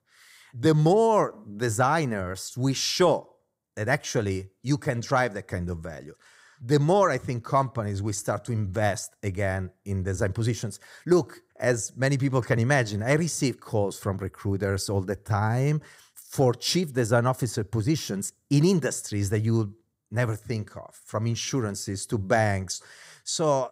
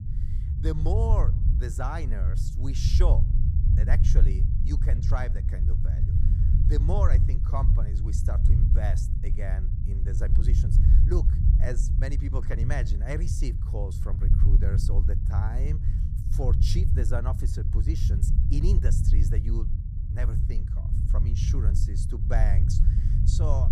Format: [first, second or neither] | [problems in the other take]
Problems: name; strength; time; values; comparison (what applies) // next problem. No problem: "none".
first | low rumble; loud; throughout; 4 dB below the speech